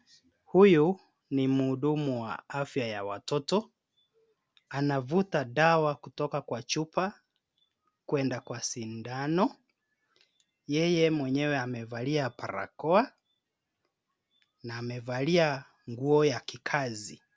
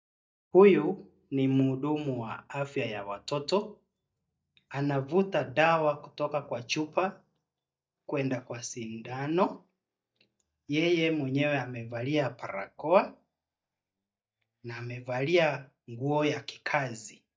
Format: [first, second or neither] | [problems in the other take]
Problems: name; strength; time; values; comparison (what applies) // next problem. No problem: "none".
first | noise reduction (neural mask model DeepFilterNet 3)